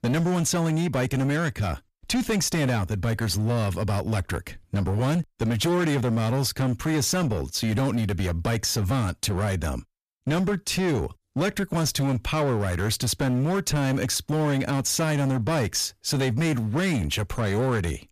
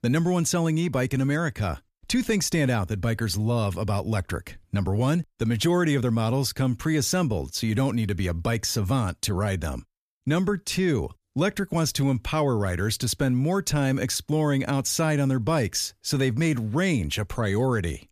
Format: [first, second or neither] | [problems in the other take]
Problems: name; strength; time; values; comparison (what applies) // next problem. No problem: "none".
second | distortion; slight; 20% of the sound clipped